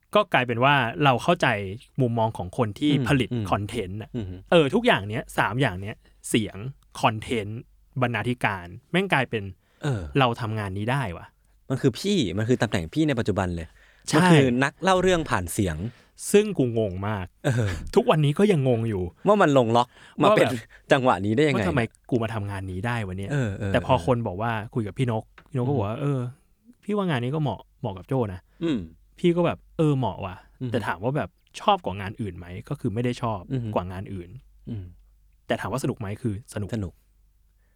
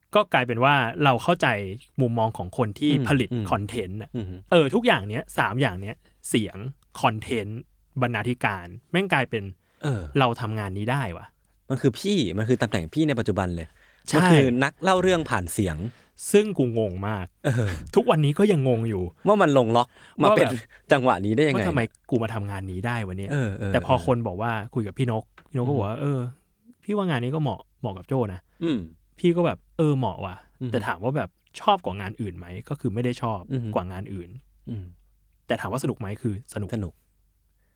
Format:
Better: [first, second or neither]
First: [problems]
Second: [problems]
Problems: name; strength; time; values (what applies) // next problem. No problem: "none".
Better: first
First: none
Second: garbled, watery; slightly